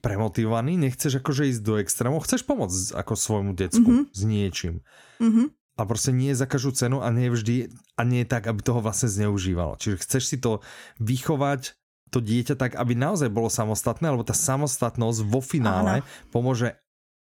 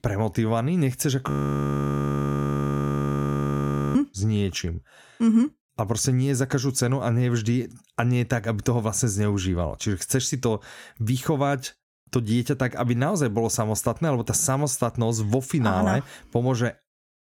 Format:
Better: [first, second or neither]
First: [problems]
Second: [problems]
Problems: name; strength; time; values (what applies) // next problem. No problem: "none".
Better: first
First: none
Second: audio freezing; at 1.5 s for 2.5 s